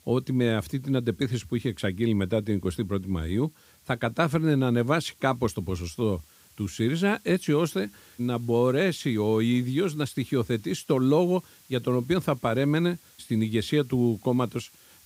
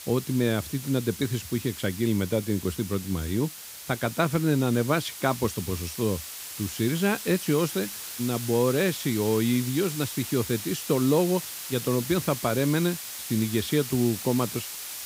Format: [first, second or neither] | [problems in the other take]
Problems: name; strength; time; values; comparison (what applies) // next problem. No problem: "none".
first | hiss; loud; throughout; 8 dB below the speech; faint in the first